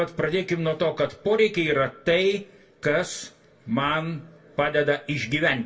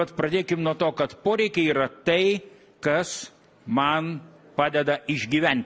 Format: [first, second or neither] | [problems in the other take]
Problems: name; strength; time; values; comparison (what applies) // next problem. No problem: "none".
second | room echo; dies away in 0.2 s